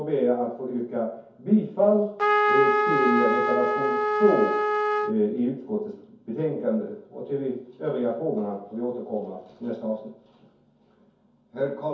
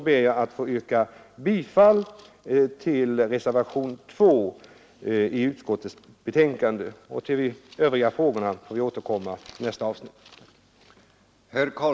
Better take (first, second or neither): second